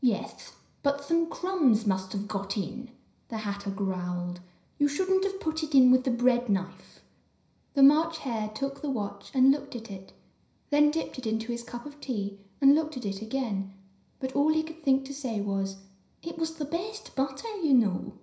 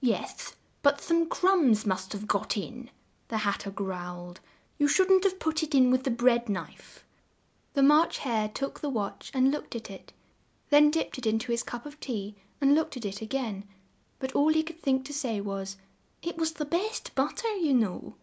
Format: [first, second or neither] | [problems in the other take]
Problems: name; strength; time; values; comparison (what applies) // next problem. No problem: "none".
second | room echo; dies away in 0.5 s